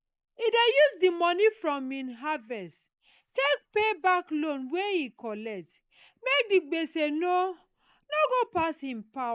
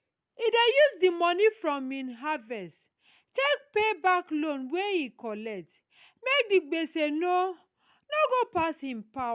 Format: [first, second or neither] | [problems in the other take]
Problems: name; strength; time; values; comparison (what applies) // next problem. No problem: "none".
second | noise reduction (neural mask model Resemble Enhance denoiser)